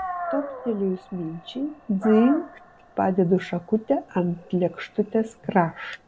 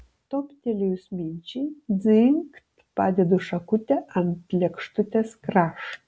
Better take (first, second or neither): second